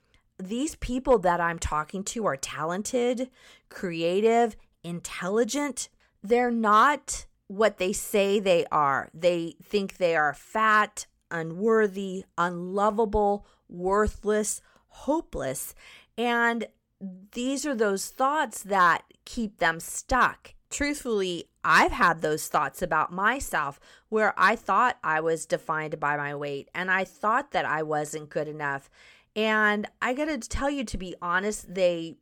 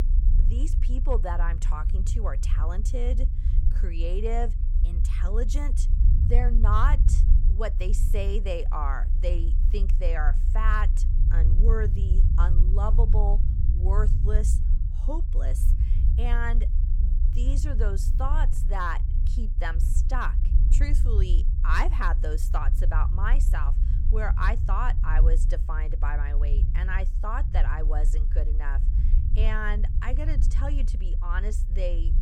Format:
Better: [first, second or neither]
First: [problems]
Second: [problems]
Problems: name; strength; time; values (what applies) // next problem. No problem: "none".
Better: first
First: none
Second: low rumble; noticeable; throughout; 10 dB below the speech